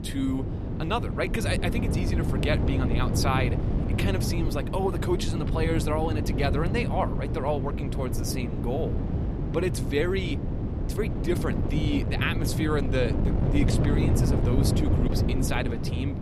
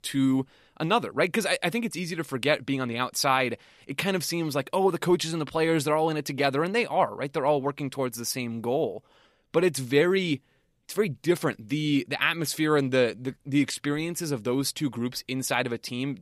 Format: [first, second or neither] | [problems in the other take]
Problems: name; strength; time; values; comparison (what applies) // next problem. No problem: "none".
second | wind noise on the microphone; heavy; 4 dB below the speech